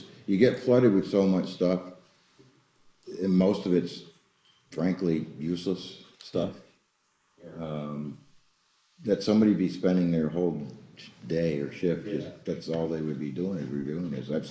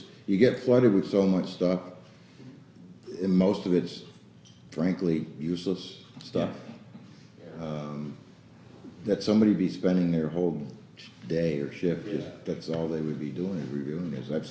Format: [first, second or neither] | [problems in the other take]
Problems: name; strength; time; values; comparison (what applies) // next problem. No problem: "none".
second | noise reduction (neural mask model Resemble Enhance denoiser)